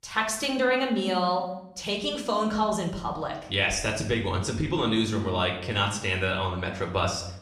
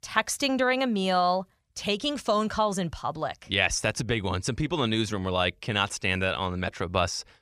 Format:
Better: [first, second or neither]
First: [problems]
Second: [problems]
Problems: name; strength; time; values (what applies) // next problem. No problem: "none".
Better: second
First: room echo; slight; dies away in 0.7 s // off-mic speech; somewhat distant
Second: none